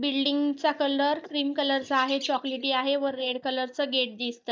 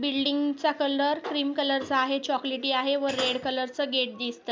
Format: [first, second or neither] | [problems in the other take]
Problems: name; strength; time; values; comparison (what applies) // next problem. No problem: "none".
second | noise reduction (neural mask model DeepFilterNet 3)